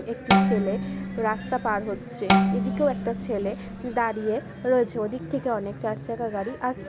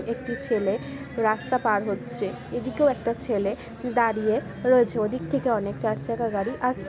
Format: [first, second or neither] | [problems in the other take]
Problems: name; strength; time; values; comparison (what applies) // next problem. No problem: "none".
second | background sound (Bowed string instrument); 2 dB above the speech